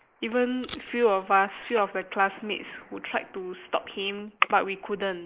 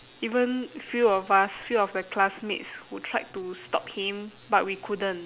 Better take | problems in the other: second | noise reduction (neural mask model Resemble Enhance denoiser)

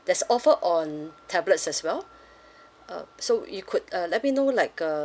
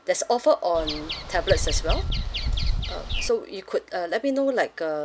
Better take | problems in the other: first | background sound (Bird vocalization, bird call, bird song); as loud as the speech

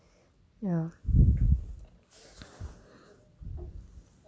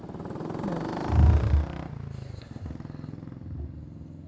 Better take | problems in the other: first | background sound (Motorcycle); 7 dB below the speech // room echo; dies away in 0.2 s

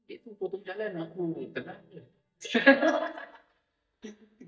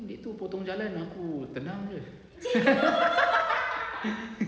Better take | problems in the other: second | noise reduction (neural mask model DeepFilterNet 3)

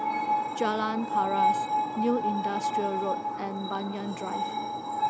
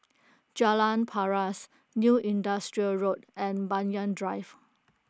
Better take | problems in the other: second | background sound (Screech); 3 dB above the speech

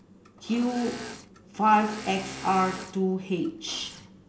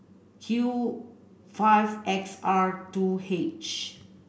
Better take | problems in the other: second | background sound (Engine / Mechanisms); 14 dB below the speech

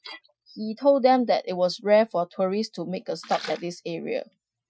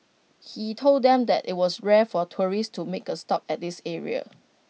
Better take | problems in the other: second | noise reduction (classical method Wiener filter)

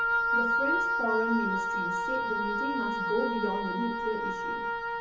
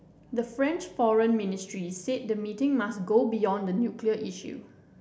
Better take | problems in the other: second | background sound (Wind instrument, woodwind instrument); 4 dB above the speech // room echo; dies away in 0.8 s

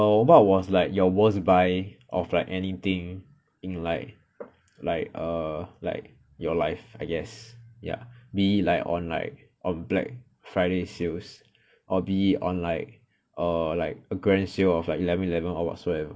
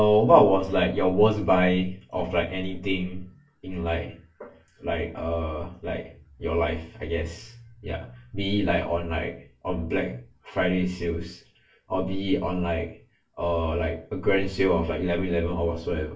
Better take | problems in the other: first | room echo; dies away in 0.3 s

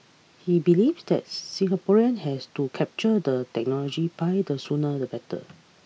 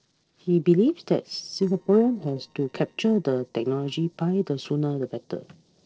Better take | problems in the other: first | noise reduction (neural separator model SepFormer DNS4)

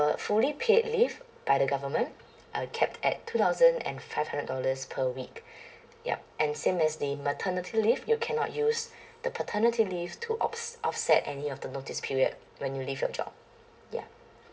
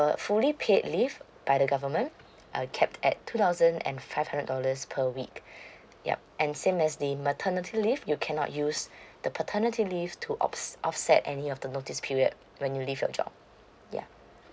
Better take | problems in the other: second | room echo; dies away in 0.3 s

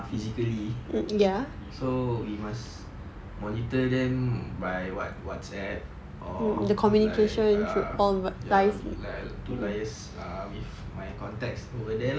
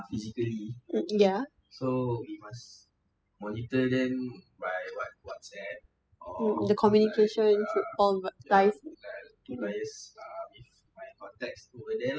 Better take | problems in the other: first | noise reduction (classical method spectral subtraction)

